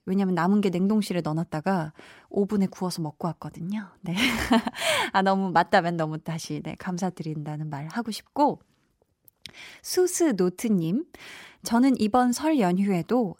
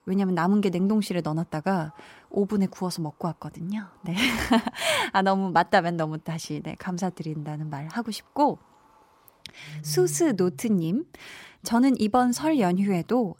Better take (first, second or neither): first